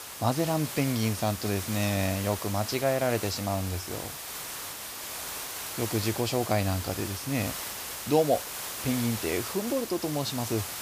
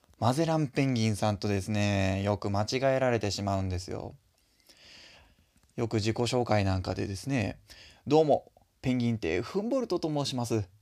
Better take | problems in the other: second | hiss; loud; throughout; 6 dB below the speech

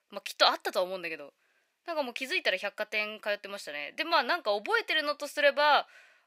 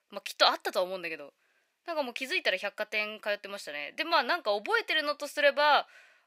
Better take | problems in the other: neither | thin; somewhat; fading below 500 Hz; the same in both

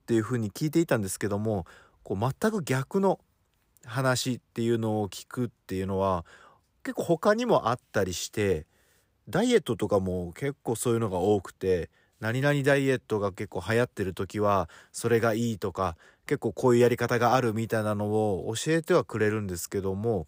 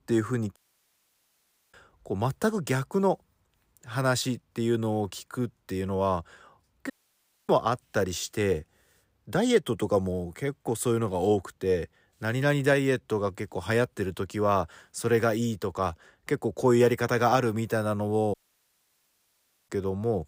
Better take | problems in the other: first | audio cutting out; at 0.5 s for 1 s, at 7 s for 0.5 s and at 18 s for 1.5 s

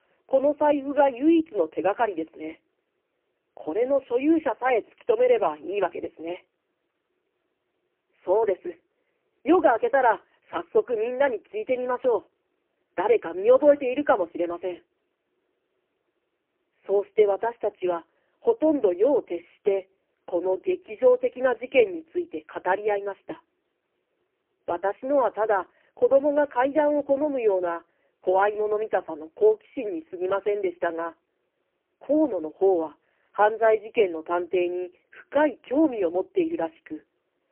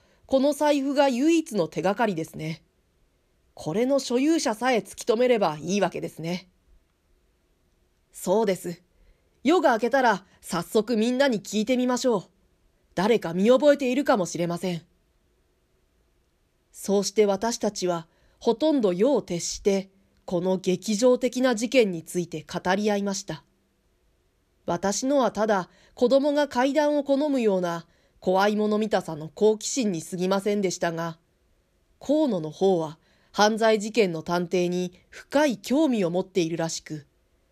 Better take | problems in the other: second | phone-call audio; poor line

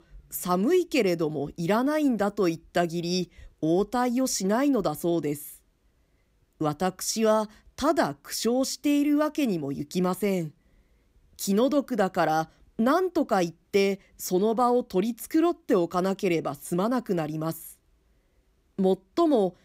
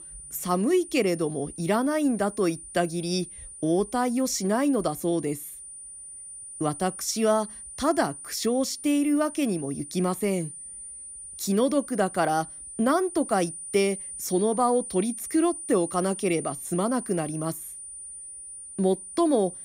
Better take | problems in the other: first | high-pitched whine; noticeable; throughout; 9.5 kHz, 10 dB below the speech

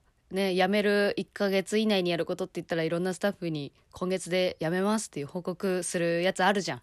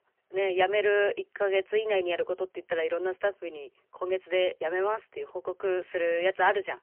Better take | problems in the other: first | phone-call audio; poor line; nothing above 3 kHz

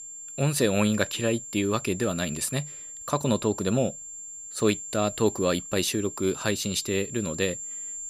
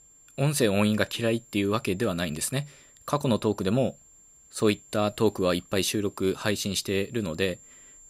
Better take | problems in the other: second | high-pitched whine; loud; throughout; 7.5 kHz, 9 dB below the speech; faint in the second

